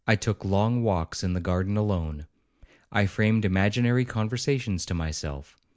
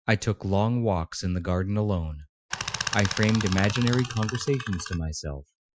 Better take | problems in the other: first | noise reduction (classical method Wiener filter)

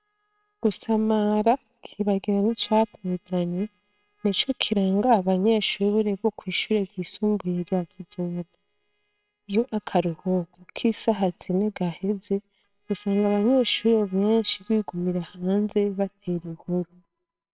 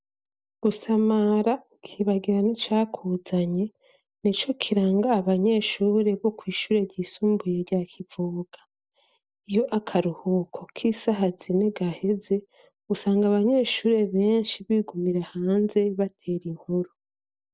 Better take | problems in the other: second | noise reduction (neural separator model SepFormer WHAMR!)

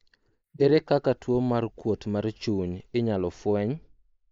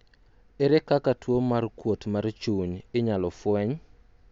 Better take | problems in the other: second | noise reduction (neural mask model Resemble Enhance denoiser)

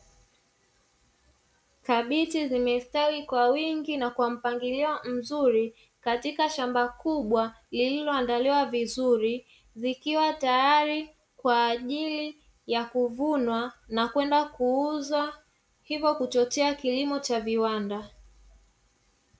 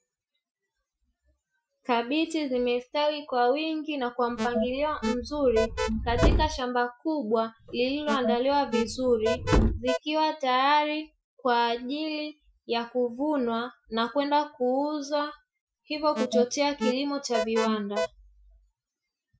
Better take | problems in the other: first | noise reduction (classical method Wiener filter)

